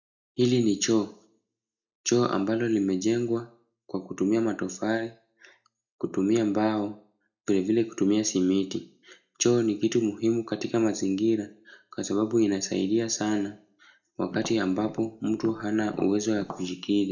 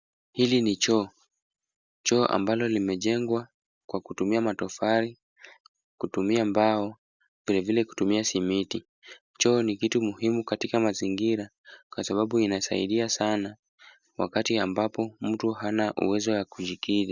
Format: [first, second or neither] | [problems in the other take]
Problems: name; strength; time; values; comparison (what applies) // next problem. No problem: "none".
second | noise reduction (neural mask model DeepFilterNet 3)